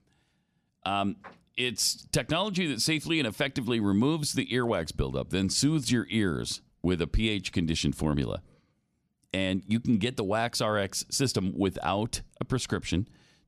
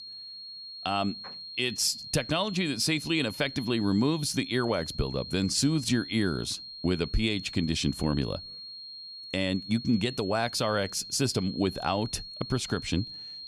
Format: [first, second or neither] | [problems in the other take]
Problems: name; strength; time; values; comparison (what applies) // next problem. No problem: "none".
first | high-pitched whine; noticeable; throughout; 4 kHz, 10 dB below the speech